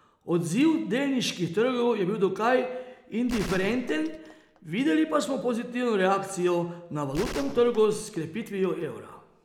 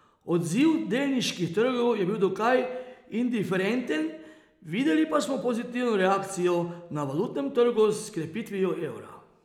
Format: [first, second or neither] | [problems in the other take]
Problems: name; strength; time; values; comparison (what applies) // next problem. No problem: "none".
second | background sound (Gunshot, gunfire); 14 dB below the speech